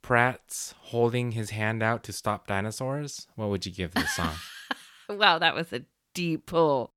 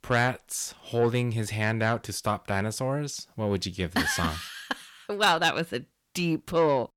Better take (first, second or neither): first